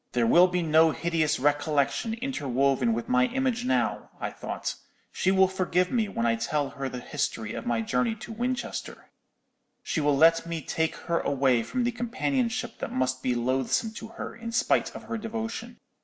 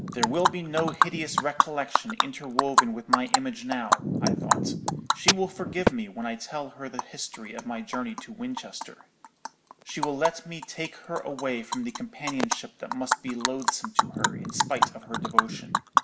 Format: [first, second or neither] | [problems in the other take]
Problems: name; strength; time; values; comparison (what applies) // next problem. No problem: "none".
first | background sound (Animal); 4 dB above the speech